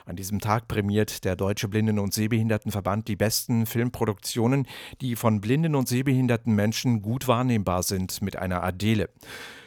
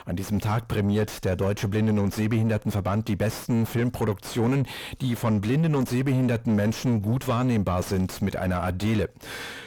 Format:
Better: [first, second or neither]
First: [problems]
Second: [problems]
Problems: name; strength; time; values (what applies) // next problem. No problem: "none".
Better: first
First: none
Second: distortion; heavy; 7 dB below the speech